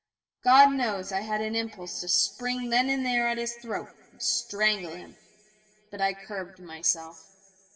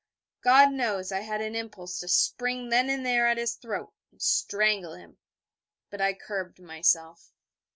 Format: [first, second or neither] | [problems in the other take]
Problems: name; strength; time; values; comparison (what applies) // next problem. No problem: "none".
second | room echo; dies away in 2.4 s